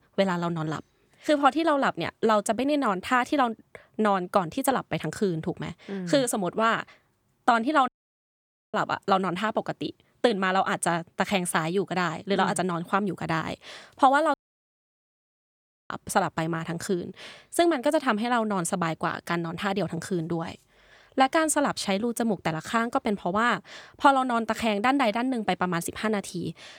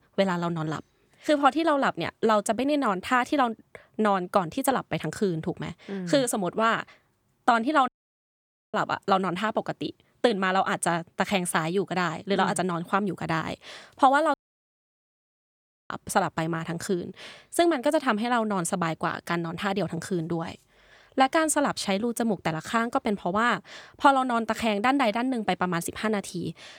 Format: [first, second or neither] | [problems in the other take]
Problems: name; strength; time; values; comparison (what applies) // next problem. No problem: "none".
neither | audio cutting out; at 8 s for 1 s and at 14 s for 1.5 s; the same in both